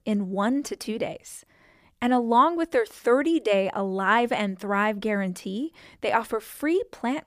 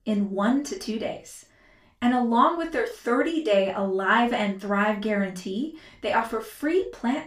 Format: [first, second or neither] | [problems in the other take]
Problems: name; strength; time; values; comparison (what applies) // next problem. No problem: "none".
first | room echo; slight; dies away in 0.2 s // off-mic speech; far